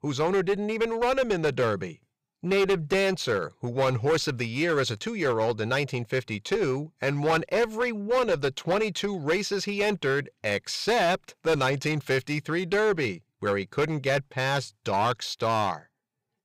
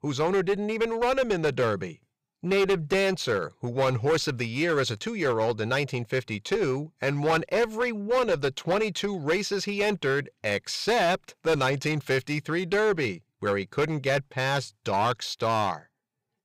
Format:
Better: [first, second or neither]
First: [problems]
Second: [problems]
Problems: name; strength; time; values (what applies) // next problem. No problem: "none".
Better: neither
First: distortion; slight; 10% of the sound clipped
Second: distortion; slight; 10% of the sound clipped